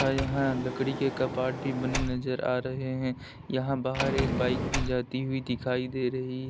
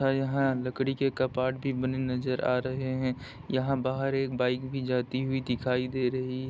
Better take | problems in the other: second | background sound (Sliding door); 5 dB below the speech

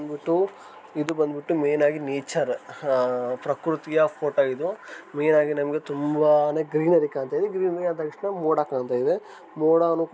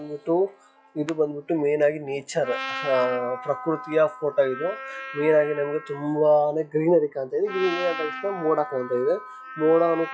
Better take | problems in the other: first | noise reduction (classical method log-MMSE)

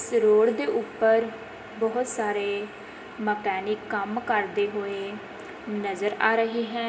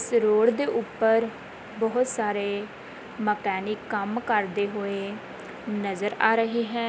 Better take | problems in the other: second | room echo; dies away in 1.3 s

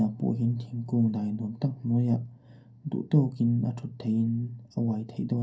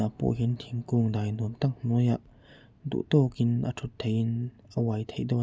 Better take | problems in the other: second | room echo; dies away in 0.3 s

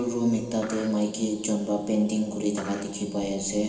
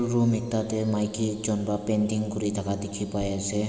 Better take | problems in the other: second | background sound (Skateboard); 17 dB below the speech // room echo; dies away in 0.4 s

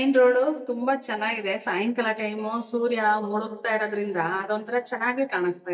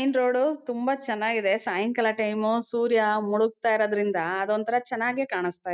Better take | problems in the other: second | noise reduction (neural mask model DeepFilterNet 3)

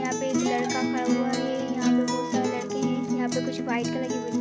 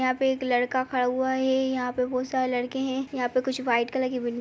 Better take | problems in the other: second | background sound (Acoustic guitar); 5 dB above the speech

